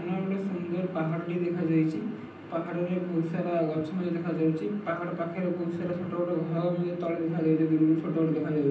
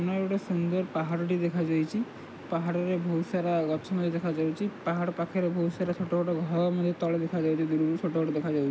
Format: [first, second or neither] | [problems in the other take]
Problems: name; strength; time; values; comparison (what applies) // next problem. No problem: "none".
second | room echo; dies away in 0.6 s